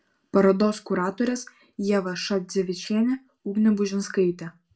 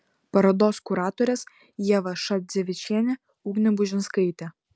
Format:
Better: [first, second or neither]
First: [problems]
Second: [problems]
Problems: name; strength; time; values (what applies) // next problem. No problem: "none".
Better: second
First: room echo; dies away in 0.2 s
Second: none